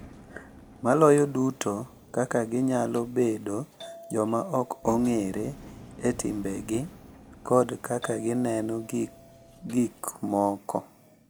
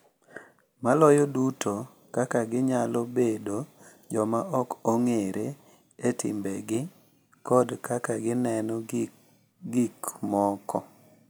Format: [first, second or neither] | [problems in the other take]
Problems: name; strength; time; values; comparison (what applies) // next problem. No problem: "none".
second | background sound (Doorbell + Engine); 20 dB below the speech